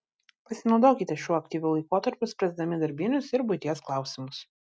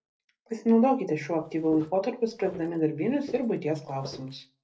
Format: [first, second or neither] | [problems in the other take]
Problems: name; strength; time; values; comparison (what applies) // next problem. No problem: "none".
first | noise reduction (neural separator model SepFormer DNS4)